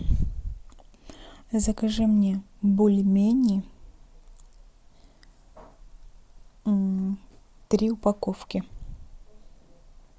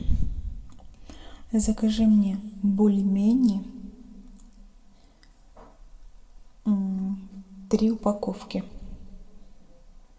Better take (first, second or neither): first